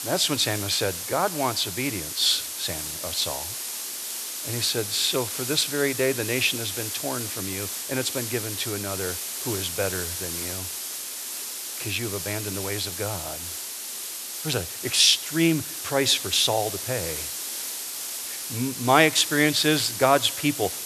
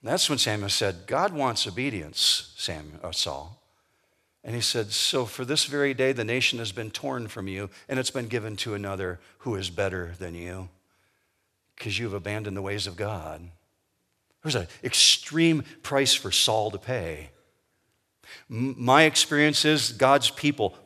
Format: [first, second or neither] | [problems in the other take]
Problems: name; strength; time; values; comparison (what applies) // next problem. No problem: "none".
second | hiss; loud; throughout; 6 dB below the speech